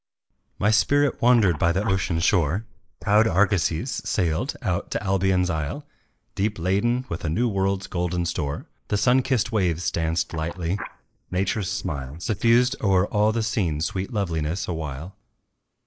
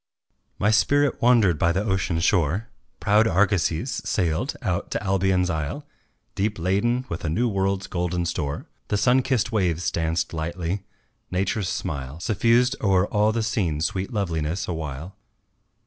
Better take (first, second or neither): second